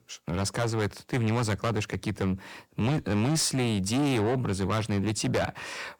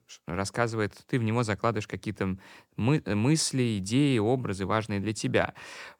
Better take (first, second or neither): second